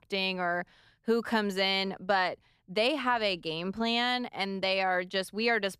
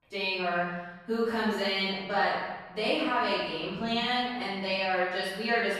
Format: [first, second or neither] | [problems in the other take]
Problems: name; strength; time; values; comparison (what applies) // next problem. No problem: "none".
first | off-mic speech; far // room echo; strong; dies away in 1.1 s